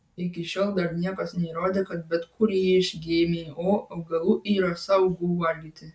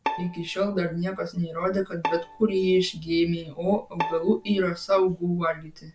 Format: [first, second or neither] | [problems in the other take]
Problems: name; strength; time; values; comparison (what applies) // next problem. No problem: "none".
first | background sound (Bowed string instrument); 12 dB below the speech